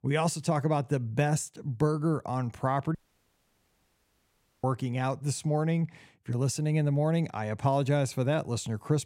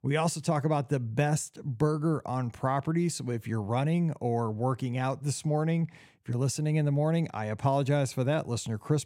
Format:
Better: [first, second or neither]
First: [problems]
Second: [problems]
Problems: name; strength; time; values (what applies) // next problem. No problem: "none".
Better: second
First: audio cutting out; at 3 s for 1.5 s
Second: none